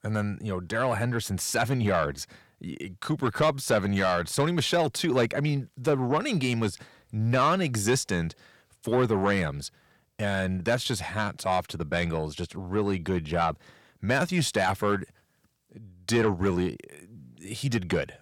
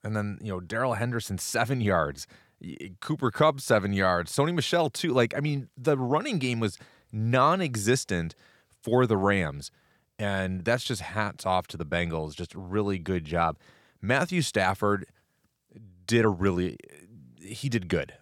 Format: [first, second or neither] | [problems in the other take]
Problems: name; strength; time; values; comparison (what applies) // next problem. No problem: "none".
second | distortion; slight; 10 dB below the speech